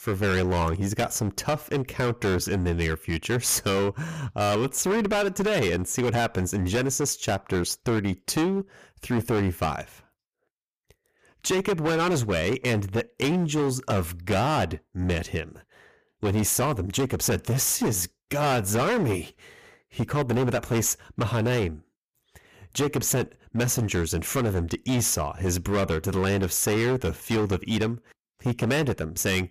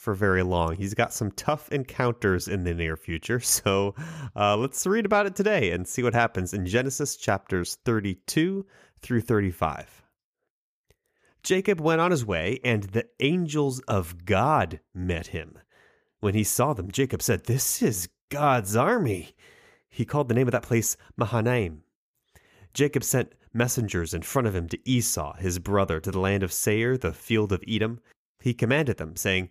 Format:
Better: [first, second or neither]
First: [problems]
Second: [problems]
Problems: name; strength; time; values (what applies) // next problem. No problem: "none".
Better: second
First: distortion; heavy; 17% of the sound clipped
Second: none